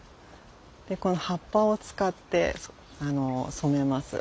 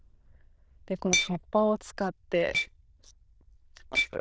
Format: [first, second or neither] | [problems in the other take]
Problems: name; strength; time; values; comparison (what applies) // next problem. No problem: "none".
first | noise reduction (neural diffusion model UNIVERSE++)